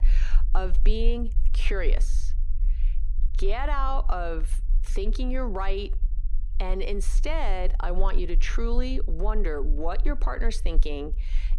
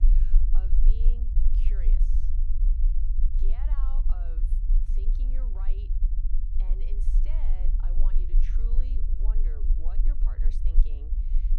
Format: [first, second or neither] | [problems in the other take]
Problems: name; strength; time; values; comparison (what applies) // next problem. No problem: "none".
first | low rumble; loud; throughout; as loud as the speech; faint in the first